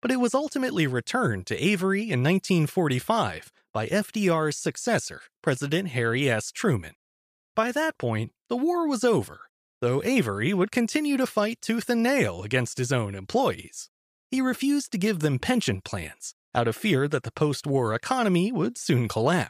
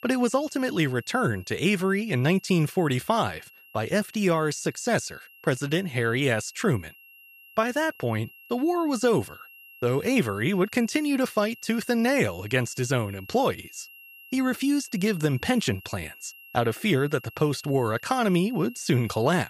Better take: first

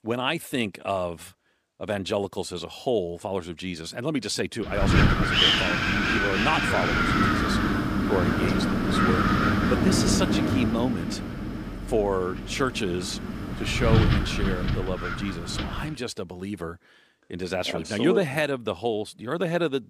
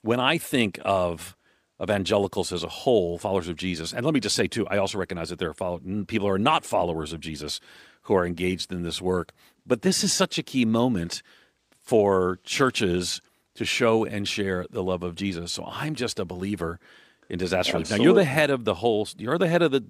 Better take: second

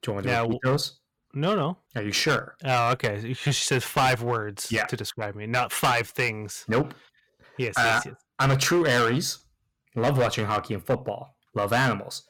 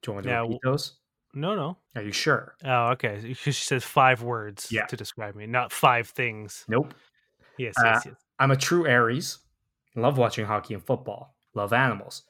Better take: second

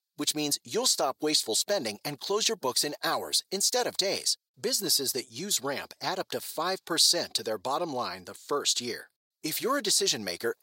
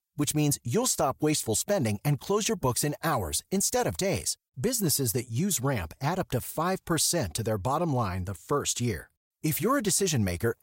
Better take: second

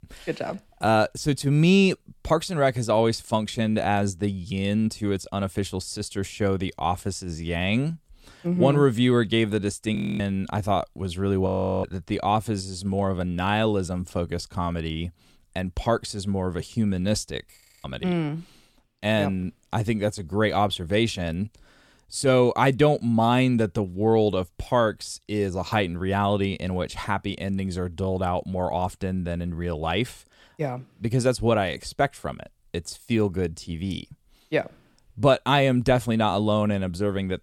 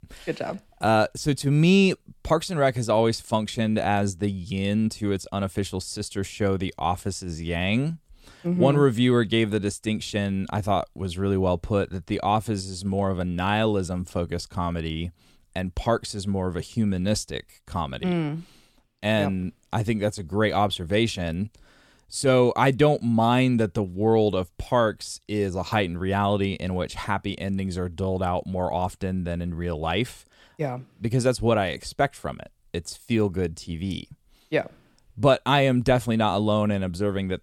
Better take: second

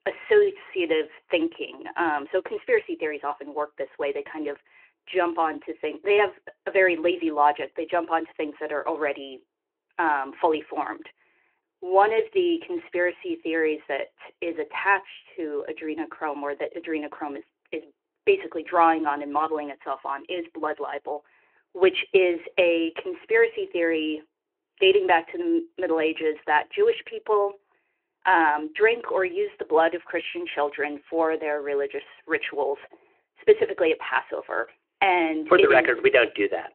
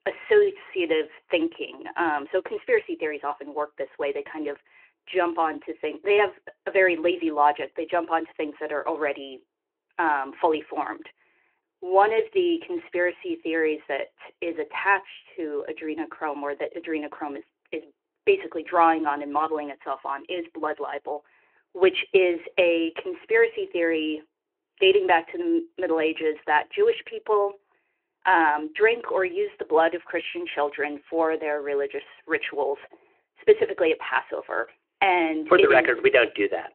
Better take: neither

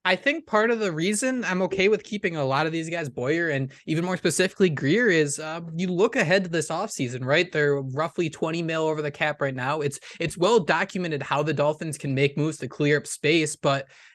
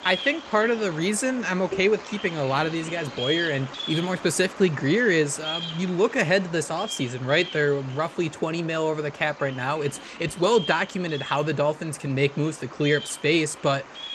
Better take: first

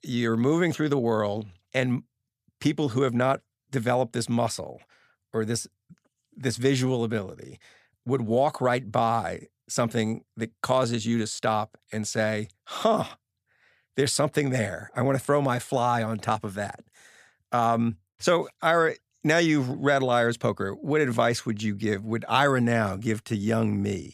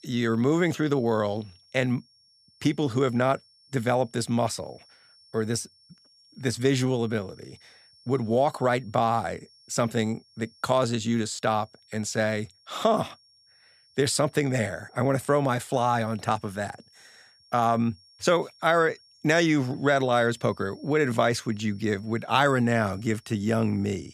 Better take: first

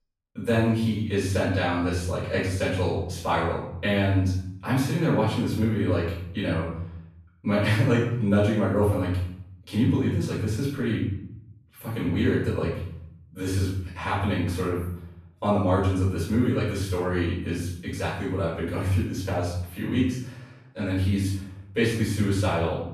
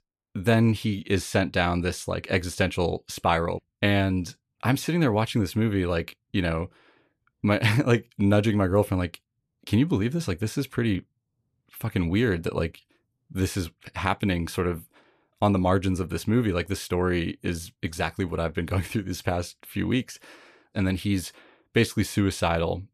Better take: second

